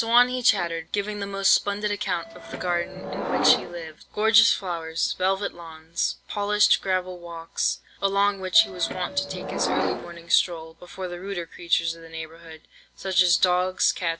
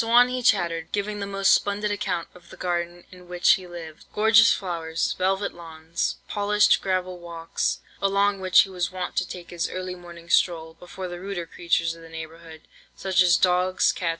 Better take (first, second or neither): second